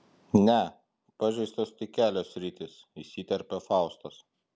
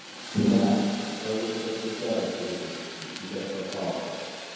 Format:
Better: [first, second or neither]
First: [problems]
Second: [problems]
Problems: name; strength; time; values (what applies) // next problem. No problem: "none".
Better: first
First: none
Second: background sound (Fire); 10 dB below the speech // room echo; dies away in 2 s